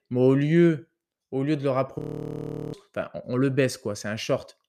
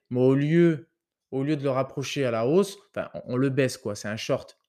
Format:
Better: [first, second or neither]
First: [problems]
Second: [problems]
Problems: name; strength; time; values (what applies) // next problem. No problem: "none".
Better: second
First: audio freezing; at 2 s for 1 s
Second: none